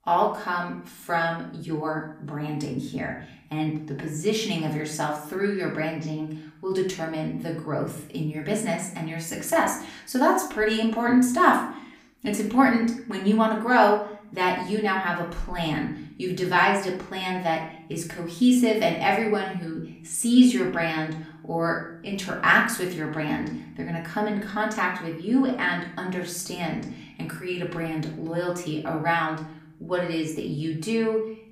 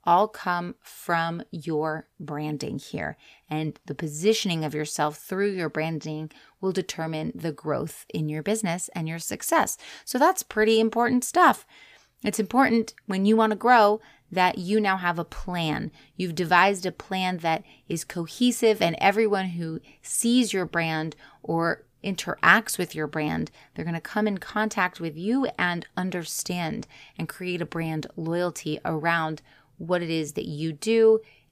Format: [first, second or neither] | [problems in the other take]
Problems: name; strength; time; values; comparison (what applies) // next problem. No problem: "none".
second | room echo; slight; dies away in 0.5 s // off-mic speech; far